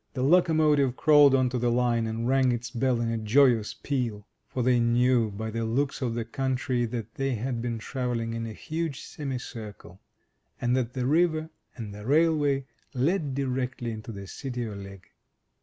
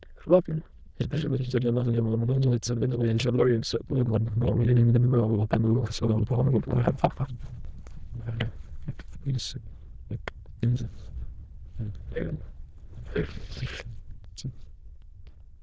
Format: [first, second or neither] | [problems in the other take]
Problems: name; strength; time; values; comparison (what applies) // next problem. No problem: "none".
first | noise reduction (neural diffusion model UNIVERSE++)